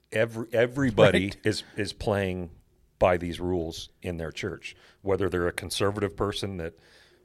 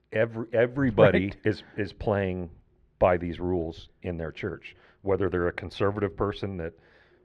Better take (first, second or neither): first